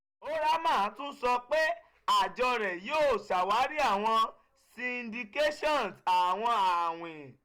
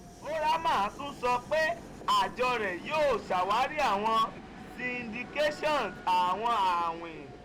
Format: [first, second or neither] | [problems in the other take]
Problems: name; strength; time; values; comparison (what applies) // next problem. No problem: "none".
first | background sound (Train); 15 dB below the speech